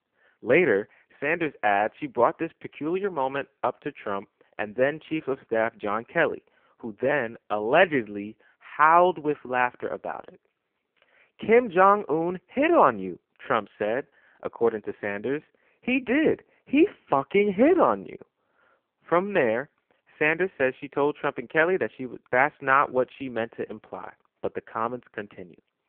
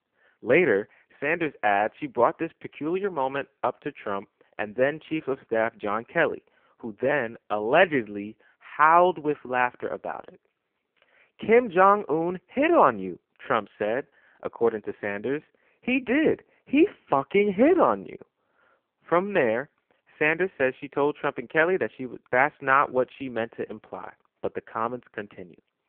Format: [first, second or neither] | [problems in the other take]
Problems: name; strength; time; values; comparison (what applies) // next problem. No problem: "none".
neither | phone-call audio; poor line; the same in both